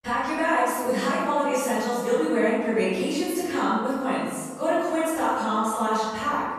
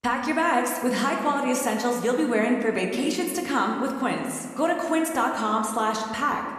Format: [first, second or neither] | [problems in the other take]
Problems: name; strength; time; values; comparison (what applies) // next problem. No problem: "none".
second | room echo; strong; dies away in 1.3 s; slight in the second // off-mic speech; far